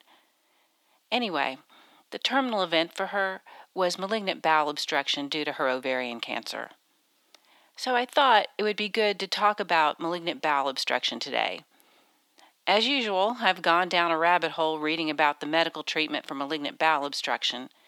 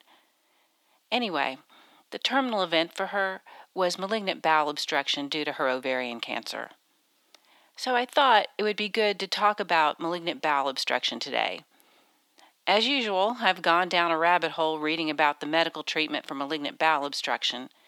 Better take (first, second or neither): neither